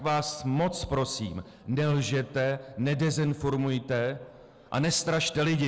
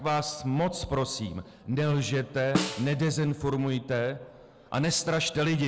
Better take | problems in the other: first | background sound (Snare drum); 6 dB below the speech

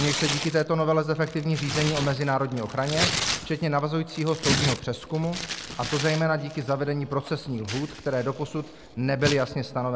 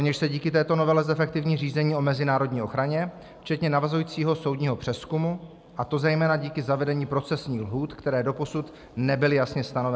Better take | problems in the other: second | background sound (Tearing); 6 dB below the speech

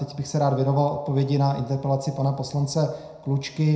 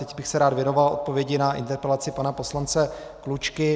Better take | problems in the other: second | room echo; dies away in 0.4 s

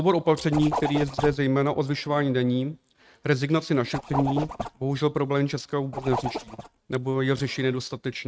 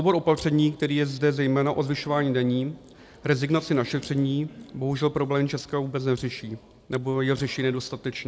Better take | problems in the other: second | noise reduction (neural mask model RNNoise)

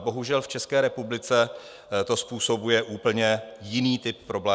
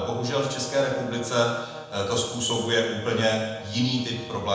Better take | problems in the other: first | background sound (Brass instrument); 15 dB below the speech // room echo; dies away in 1 s

